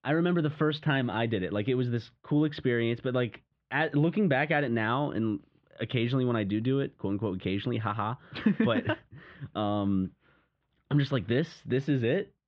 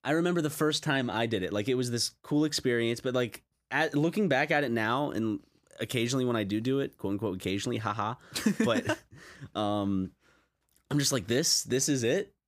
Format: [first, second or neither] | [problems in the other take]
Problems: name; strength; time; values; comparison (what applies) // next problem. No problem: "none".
second | muffled; very; fading above 3.5 kHz